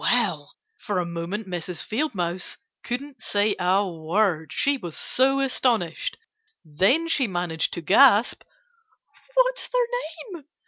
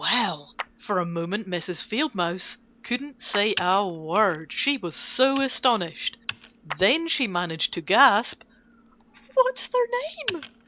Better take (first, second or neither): first